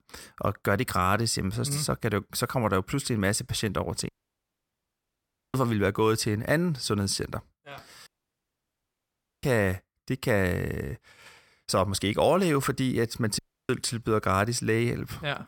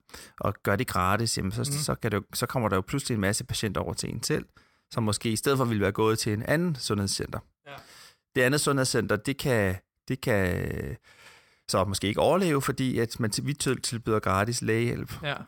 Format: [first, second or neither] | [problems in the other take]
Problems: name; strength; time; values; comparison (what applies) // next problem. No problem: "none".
second | audio cutting out; at 4 s for 1.5 s, at 8 s for 1.5 s and at 13 s